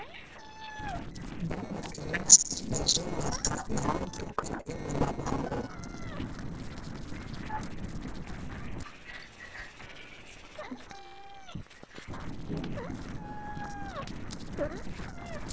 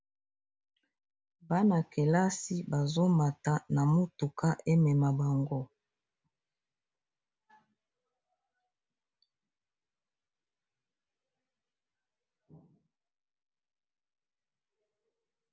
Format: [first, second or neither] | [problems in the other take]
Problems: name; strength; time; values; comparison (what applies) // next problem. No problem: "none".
second | noise reduction (neural separator model SepFormer DNS4)